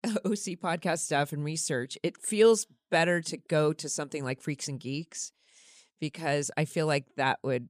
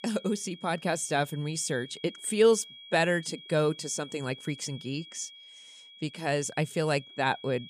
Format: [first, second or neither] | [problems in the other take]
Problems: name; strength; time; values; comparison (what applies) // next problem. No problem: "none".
first | high-pitched whine; noticeable; throughout; 3.5 kHz, 15 dB below the speech